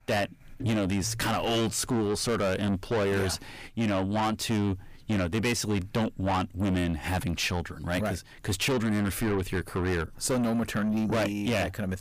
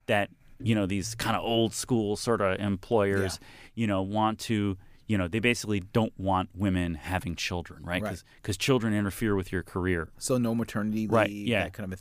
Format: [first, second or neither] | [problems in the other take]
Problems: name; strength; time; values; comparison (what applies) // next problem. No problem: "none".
second | distortion; heavy; 7 dB below the speech